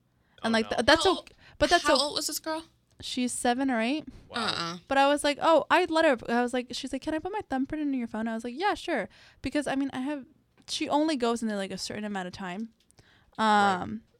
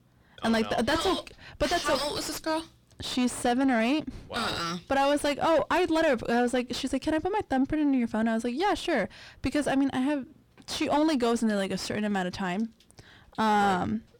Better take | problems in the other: first | distortion; heavy; 6 dB below the speech

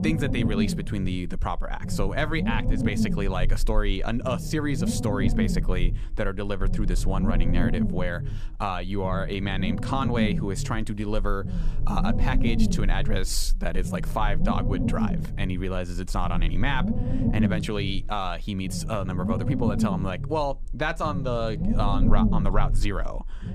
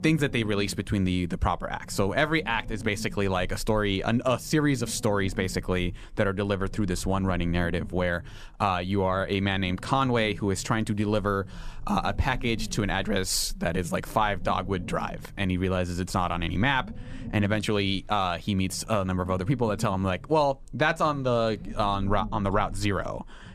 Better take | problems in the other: second | low rumble; loud; throughout; 6 dB below the speech; faint in the second

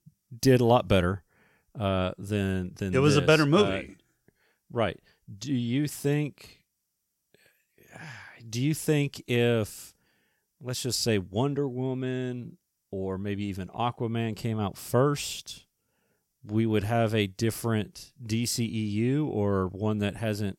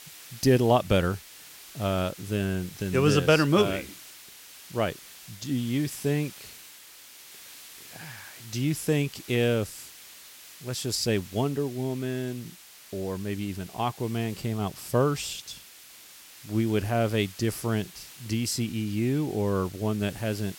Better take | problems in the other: first | hiss; noticeable; throughout; 15 dB below the speech

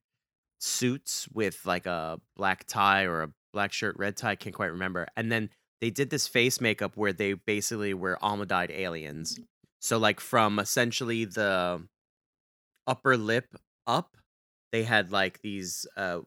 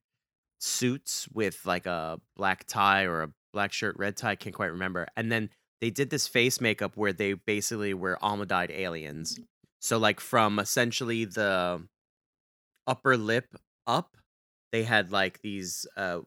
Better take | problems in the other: neither | none

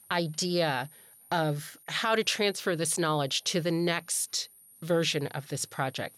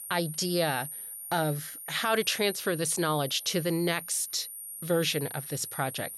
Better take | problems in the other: first | high-pitched whine; loud; throughout; 9.5 kHz, 9 dB below the speech; faint in the first

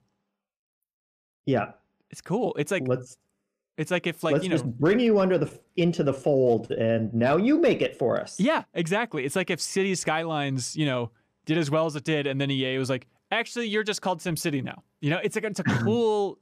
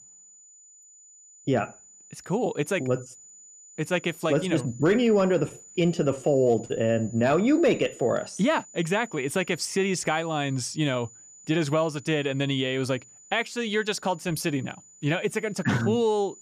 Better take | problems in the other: first | high-pitched whine; faint; throughout; 7 kHz, 20 dB below the speech

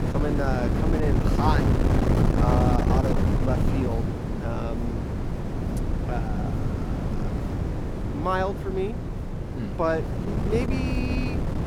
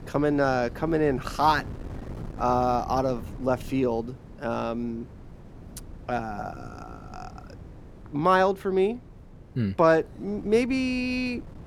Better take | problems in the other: second | wind noise on the microphone; heavy; 2 dB below the speech; occasional gusts in the second

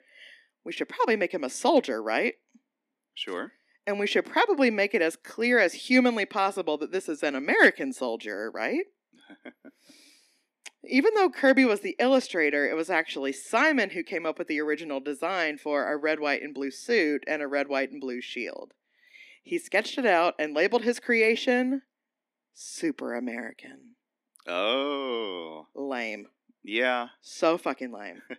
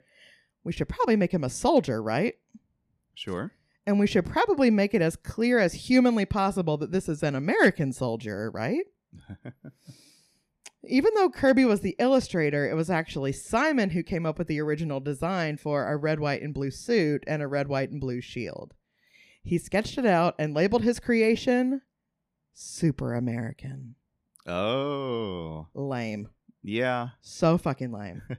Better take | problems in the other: second | thin; very slightly; fading below 250 Hz

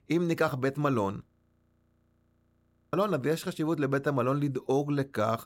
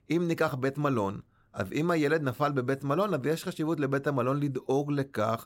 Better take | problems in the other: second | audio freezing; at 1.5 s for 1.5 s

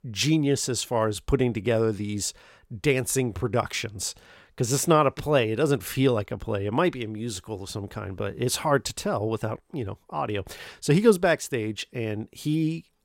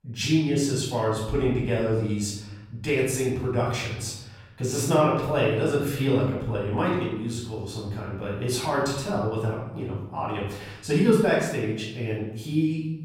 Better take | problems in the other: first | off-mic speech; far // room echo; noticeable; dies away in 0.9 s

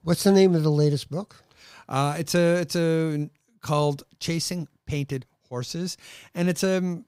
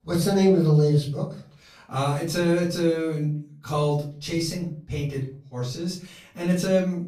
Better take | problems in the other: first | off-mic speech; far // room echo; slight; dies away in 0.4 s

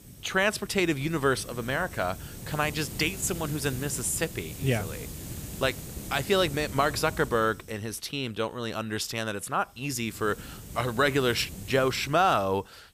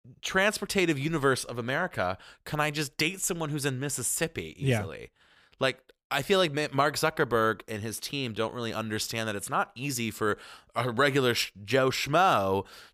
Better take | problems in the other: second | hiss; noticeable; throughout; 10 dB below the speech

